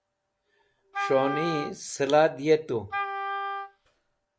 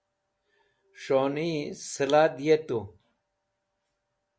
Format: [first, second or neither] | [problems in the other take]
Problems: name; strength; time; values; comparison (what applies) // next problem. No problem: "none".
second | background sound (Wind instrument, woodwind instrument); 6 dB below the speech